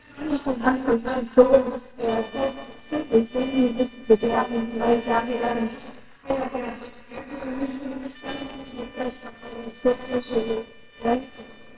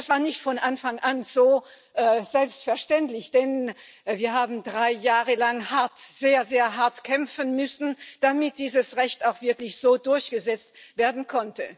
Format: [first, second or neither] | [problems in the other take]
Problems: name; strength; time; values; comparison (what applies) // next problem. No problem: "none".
second | noise reduction (neural separator model SepFormer WHAMR!)